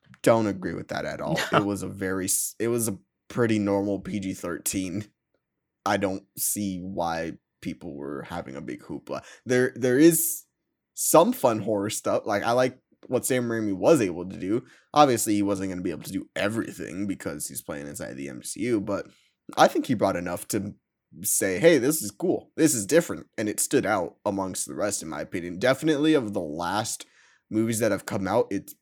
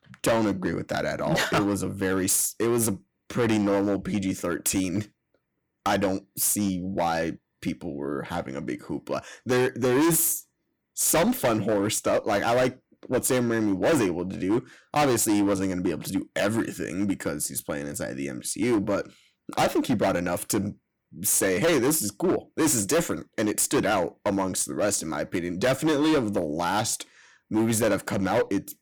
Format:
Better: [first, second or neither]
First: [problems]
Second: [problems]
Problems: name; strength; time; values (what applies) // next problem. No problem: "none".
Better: first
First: none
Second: distortion; heavy; 10% of the sound clipped